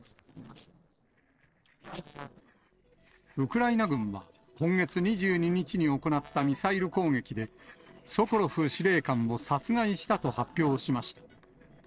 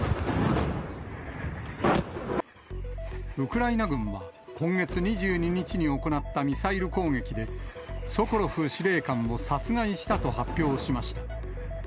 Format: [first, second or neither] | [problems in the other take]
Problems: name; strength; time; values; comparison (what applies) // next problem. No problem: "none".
second | noise reduction (neural separator model SepFormer DNS4)